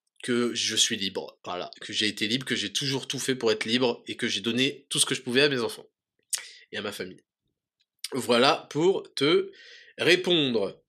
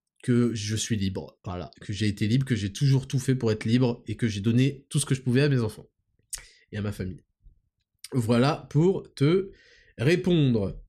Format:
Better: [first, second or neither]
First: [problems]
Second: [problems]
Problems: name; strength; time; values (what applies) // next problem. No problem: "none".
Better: second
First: thin; somewhat; fading below 400 Hz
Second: none